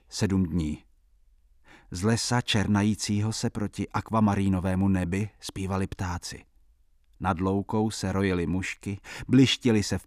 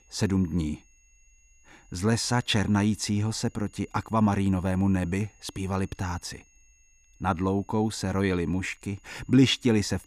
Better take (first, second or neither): first